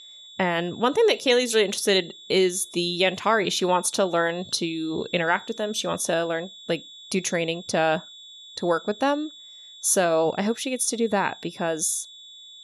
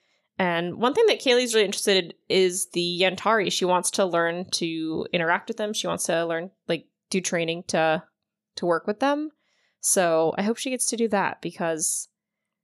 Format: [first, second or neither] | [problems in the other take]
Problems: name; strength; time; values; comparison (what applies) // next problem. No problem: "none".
second | high-pitched whine; noticeable; throughout; 3.5 kHz, 20 dB below the speech